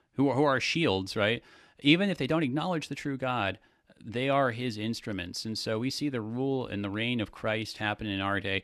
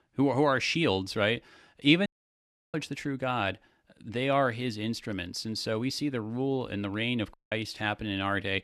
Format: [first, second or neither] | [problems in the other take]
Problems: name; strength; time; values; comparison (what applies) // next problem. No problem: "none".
first | audio cutting out; at 2 s for 0.5 s and at 7.5 s